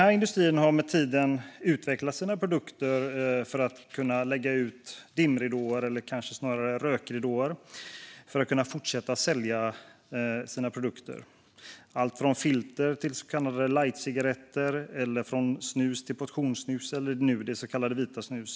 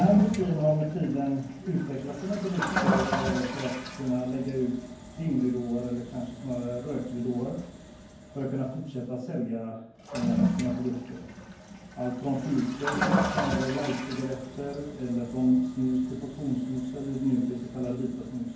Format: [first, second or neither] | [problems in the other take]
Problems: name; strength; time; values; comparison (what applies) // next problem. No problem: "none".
first | background sound (Toilet flush); 4 dB below the speech // room echo; dies away in 0.9 s